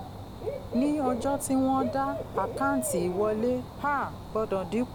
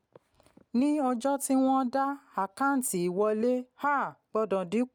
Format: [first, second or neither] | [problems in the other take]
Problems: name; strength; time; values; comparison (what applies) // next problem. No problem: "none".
second | background sound (Bird / Dog); 7 dB below the speech